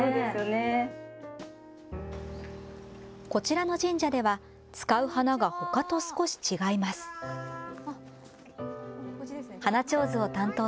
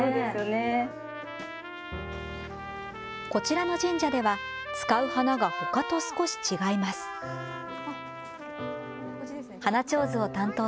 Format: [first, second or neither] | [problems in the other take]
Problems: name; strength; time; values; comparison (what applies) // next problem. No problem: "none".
first | background sound (Trumpet); 9 dB below the speech